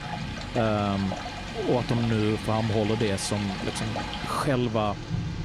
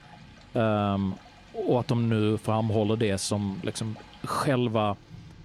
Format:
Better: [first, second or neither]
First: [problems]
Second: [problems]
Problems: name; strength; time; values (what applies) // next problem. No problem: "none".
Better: second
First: rain or running water; loud; throughout; 7 dB below the speech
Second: rain or running water; faint; throughout; 25 dB below the speech